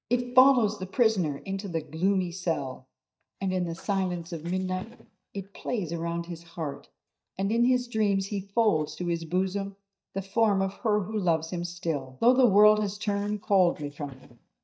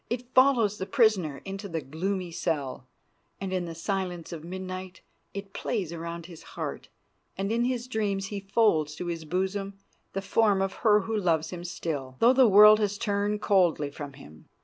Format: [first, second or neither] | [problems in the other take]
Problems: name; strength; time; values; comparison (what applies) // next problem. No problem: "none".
second | noise reduction (neural mask model DeepFilterNet 3)